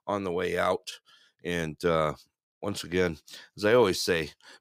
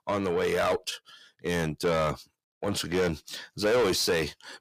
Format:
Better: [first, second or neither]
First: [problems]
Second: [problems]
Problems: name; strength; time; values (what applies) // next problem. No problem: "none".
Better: first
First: none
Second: distortion; heavy; 7 dB below the speech